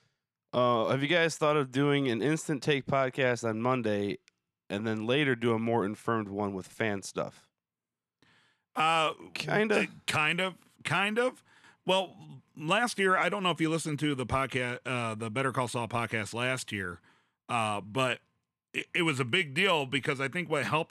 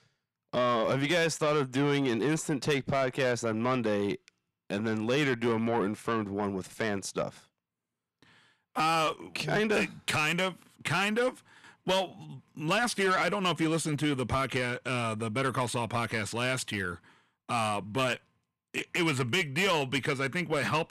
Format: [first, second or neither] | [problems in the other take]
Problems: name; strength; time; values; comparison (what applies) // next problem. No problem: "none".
first | distortion; slight; 10 dB below the speech